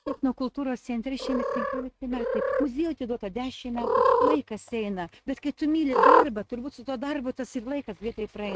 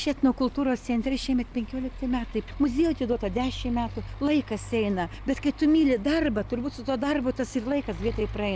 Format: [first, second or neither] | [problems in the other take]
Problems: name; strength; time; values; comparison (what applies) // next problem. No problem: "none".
second | noise reduction (neural mask model RNNoise)